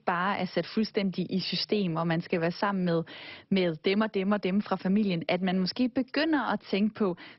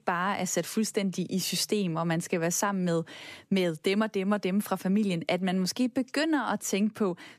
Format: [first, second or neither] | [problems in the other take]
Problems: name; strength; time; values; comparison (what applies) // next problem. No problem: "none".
second | garbled, watery; badly; nothing above 5.5 kHz